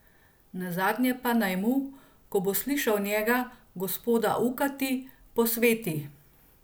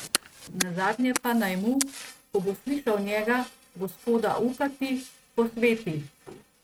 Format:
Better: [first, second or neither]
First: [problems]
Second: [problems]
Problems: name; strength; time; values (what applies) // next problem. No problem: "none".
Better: first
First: none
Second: noise reduction (neural mask model RNNoise)